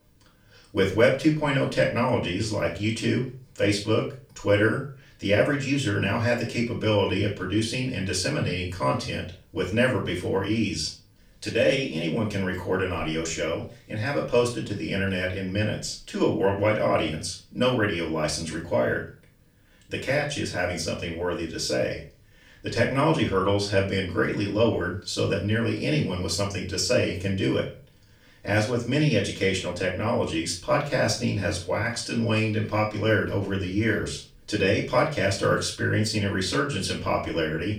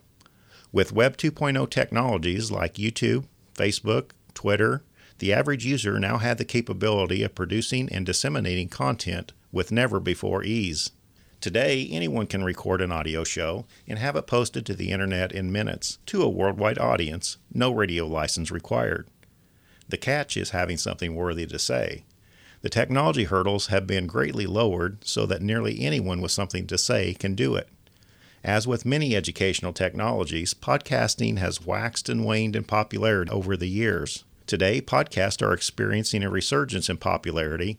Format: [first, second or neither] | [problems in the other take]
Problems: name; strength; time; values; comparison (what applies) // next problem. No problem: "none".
second | off-mic speech; far // room echo; slight; dies away in 0.3 s